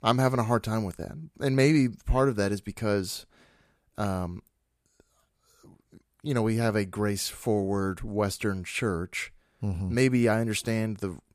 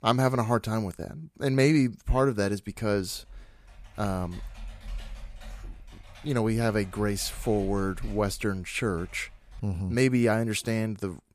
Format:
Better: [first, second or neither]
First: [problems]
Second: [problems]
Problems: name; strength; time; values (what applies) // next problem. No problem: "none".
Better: first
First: none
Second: keyboard typing; faint; from 3 to 9.5 s; peak 15 dB below the speech